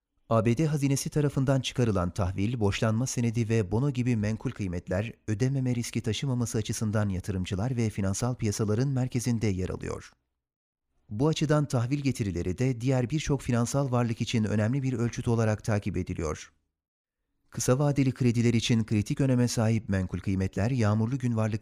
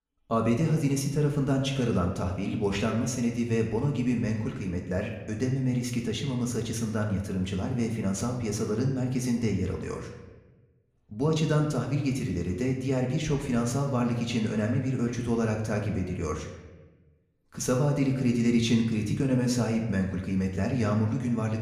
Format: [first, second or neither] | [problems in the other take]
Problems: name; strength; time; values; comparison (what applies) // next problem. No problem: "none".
first | room echo; slight; dies away in 0.9 s // off-mic speech; somewhat distant